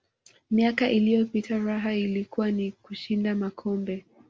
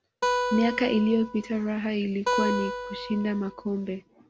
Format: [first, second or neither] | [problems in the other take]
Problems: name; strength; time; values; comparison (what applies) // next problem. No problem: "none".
first | background sound (Acoustic guitar); 4 dB below the speech